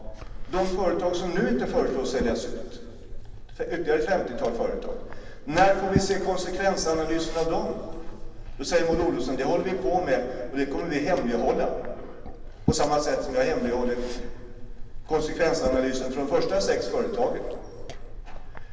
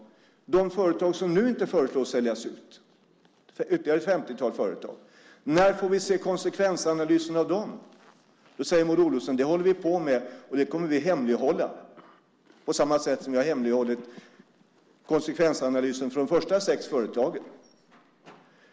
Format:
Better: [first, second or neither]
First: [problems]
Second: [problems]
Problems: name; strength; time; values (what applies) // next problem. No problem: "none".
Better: second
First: background sound (Liquid); 7 dB below the speech // room echo; dies away in 2.7 s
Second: none